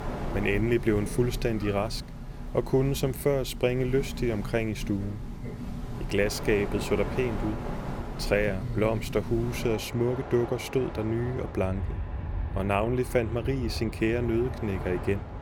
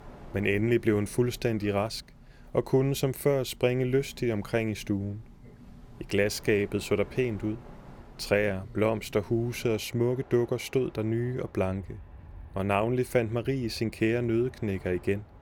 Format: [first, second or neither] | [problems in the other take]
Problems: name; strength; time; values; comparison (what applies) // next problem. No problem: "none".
second | train or aircraft noise; loud; throughout; 8 dB below the speech; faint in the second